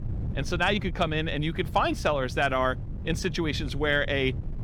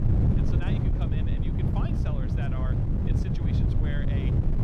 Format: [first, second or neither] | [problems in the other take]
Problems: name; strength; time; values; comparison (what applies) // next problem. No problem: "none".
first | wind noise on the microphone; heavy; 5 dB above the speech; occasional gusts in the first